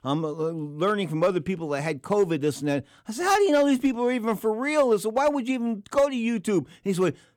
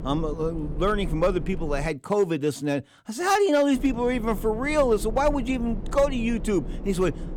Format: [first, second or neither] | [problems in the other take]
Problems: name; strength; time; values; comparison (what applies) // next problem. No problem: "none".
first | low rumble; noticeable; until 2 s and from 3.5 s on; 20 dB below the speech